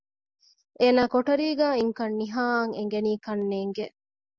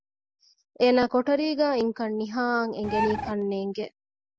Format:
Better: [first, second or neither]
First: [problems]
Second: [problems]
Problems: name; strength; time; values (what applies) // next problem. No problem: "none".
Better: first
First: none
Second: background sound (Bird); 3 dB below the speech